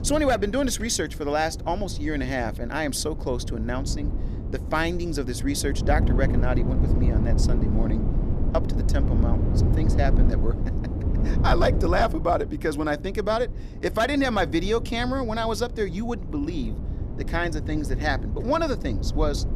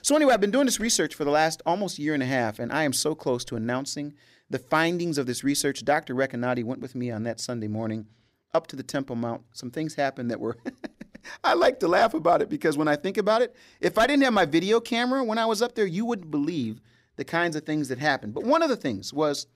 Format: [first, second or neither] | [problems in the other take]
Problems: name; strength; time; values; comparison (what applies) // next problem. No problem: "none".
second | wind noise on the microphone; occasional gusts; 10 dB below the speech